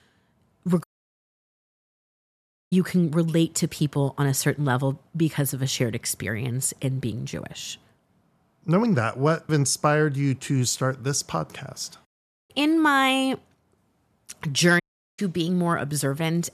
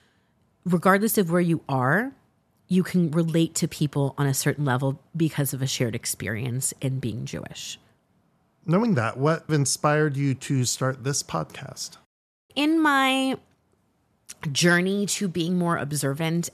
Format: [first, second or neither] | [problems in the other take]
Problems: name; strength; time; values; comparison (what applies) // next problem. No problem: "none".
second | audio cutting out; at 1 s for 2 s and at 15 s